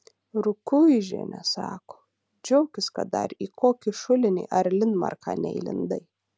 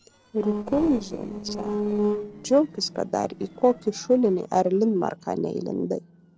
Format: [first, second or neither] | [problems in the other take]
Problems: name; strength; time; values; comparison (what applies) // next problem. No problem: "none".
first | noise reduction (neural separator model SepFormer DNS4)